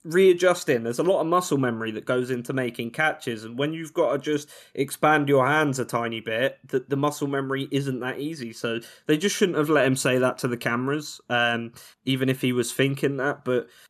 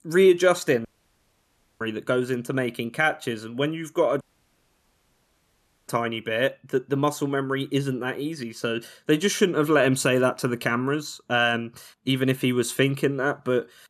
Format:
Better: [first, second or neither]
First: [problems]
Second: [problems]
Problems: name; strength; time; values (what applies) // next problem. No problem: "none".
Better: first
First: none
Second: audio cutting out; at 1 s for 1 s and at 4 s for 1.5 s